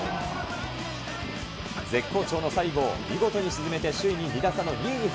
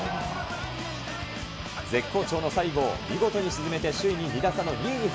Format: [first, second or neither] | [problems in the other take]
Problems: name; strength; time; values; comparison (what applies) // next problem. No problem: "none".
second | background sound (Thunder); 16 dB below the speech